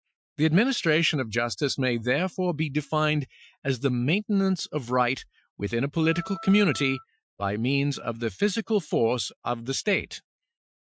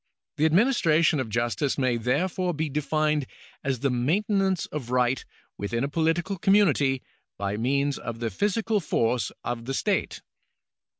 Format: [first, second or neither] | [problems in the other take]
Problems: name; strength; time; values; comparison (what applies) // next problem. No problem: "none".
second | noise reduction (classical method Wiener filter)